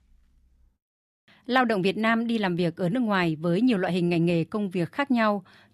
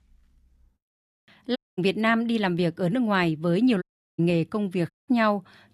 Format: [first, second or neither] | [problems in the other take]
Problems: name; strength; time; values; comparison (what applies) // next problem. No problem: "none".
first | audio cutting out; at 1.5 s, at 4 s and at 5 s